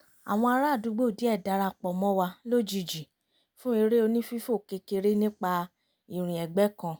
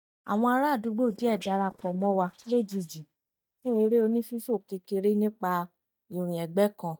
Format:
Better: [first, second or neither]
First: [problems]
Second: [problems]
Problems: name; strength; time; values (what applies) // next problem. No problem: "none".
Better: first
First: none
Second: noise reduction (neural mask model DeepFilterNet 3)